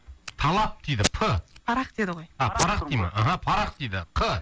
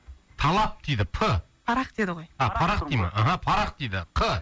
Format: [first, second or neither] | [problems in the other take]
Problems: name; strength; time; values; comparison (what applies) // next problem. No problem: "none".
second | background sound (Packing tape, duct tape); 11 dB below the speech